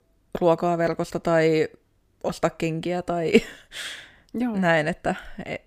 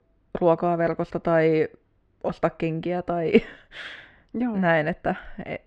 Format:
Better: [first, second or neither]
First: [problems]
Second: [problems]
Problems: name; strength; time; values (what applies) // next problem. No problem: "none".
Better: first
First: none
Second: muffled; slightly; fading above 2.5 kHz